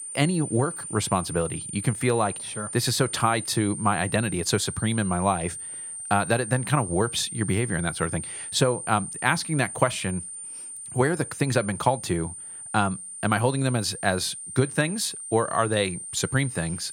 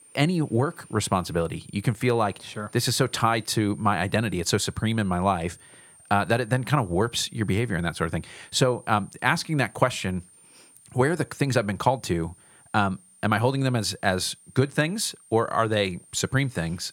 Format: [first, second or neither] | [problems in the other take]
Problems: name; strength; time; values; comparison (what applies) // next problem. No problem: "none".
second | high-pitched whine; loud; throughout; 9 kHz, 8 dB below the speech; faint in the second